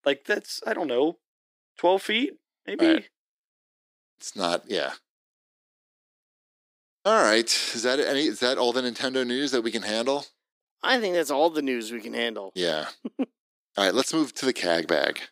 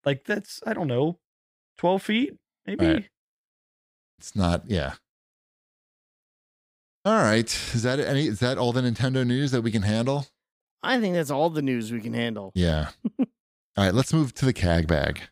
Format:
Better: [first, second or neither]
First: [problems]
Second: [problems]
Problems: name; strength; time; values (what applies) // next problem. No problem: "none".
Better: second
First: thin; somewhat; fading below 300 Hz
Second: none